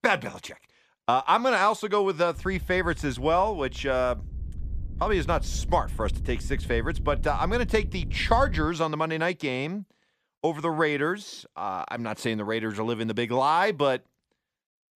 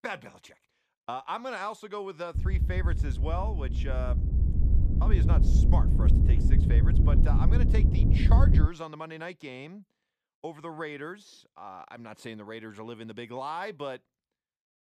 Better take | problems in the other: first | low rumble; loud; from 2.5 to 8.5 s; 3 dB below the speech; faint in the first

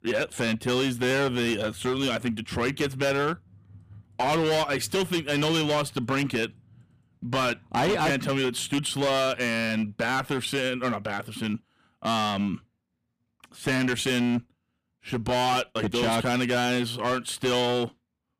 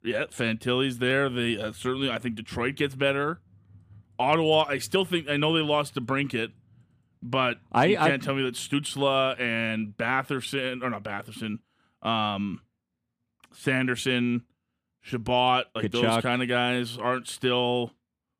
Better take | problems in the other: second | distortion; heavy; 14% of the sound clipped

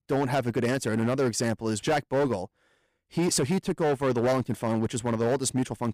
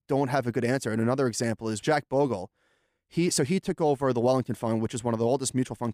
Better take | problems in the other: second | distortion; slight; 11% of the sound clipped

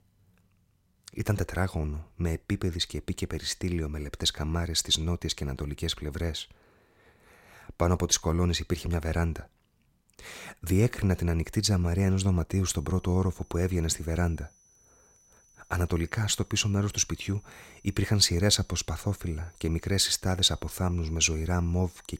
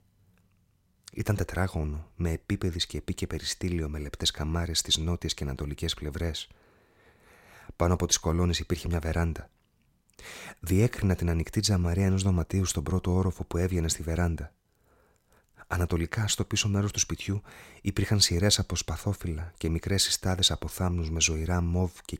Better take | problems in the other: second | high-pitched whine; faint; from 13 s on; 6 kHz, 30 dB below the speech

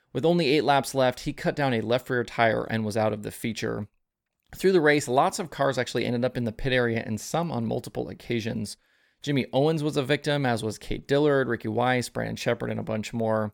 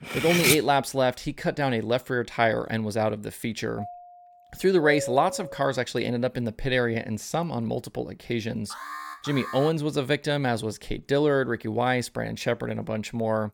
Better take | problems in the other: first | clattering dishes; loud; at the start; peak 5 dB above the speech // doorbell; noticeable; from 4 to 6 s; peak 6 dB below the speech // alarm; faint; from 8.5 to 9.5 s; peak 10 dB below the speech

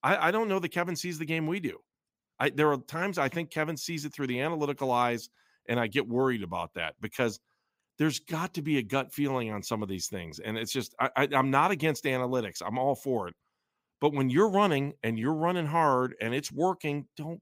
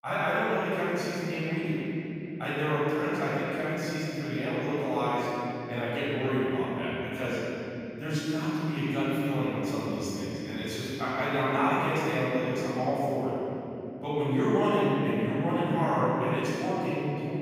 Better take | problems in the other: first | off-mic speech; far // room echo; strong; dies away in 3 s

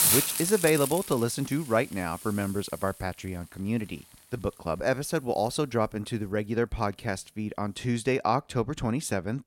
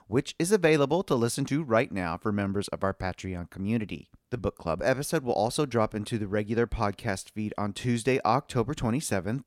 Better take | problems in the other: second | hiss; loud; throughout; 2 dB below the speech

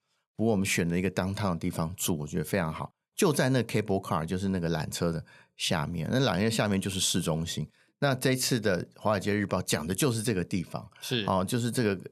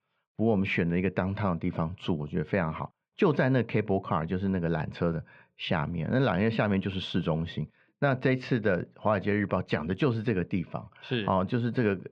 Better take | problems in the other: first | muffled; very; fading above 3 kHz

